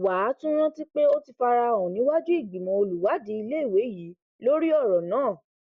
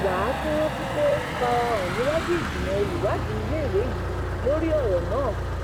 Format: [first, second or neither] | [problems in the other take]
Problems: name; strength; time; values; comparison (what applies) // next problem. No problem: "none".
first | background sound (Motor vehicle (road)); 1 dB below the speech